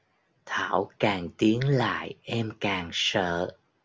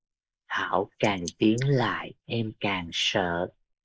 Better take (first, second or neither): first